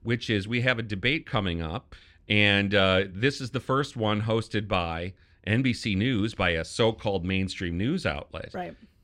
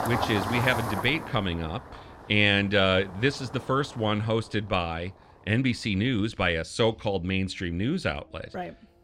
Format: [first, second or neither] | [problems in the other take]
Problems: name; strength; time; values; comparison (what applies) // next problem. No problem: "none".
first | traffic noise; loud; throughout; 10 dB below the speech